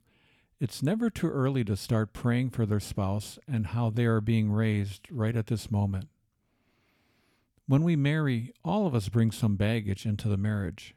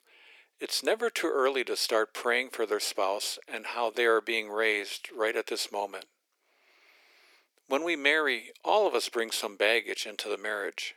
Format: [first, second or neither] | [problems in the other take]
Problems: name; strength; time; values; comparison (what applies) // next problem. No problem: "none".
first | thin; very; fading below 400 Hz